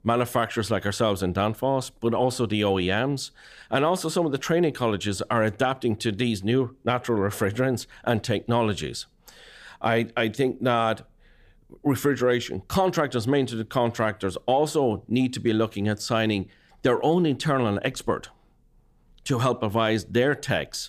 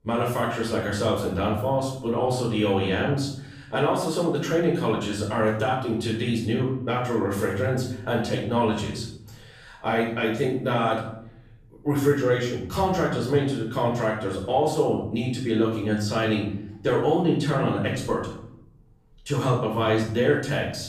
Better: first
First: none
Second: off-mic speech; far // room echo; noticeable; dies away in 0.7 s

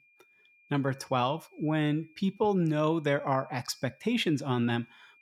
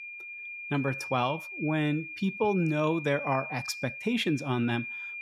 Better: first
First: high-pitched whine; faint; throughout; 2.5 kHz, 30 dB below the speech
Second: high-pitched whine; loud; throughout; 2.5 kHz, 8 dB below the speech

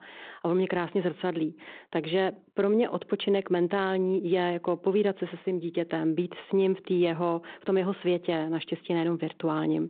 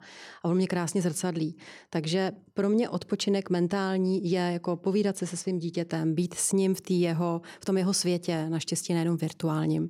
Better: second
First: phone-call audio; nothing above 3.5 kHz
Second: none

